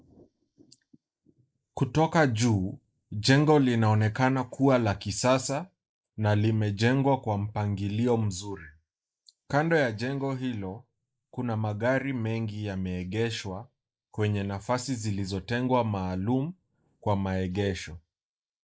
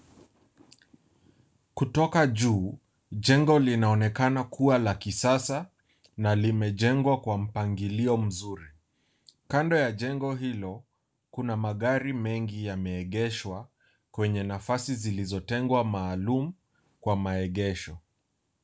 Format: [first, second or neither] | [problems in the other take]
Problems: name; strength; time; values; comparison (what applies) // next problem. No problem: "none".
second | noise reduction (neural mask model Resemble Enhance denoiser)